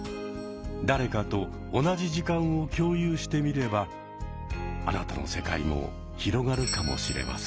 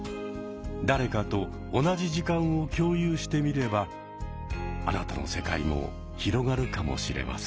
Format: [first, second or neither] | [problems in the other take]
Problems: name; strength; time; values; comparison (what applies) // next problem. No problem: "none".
second | background sound (Doorbell); 15 dB below the speech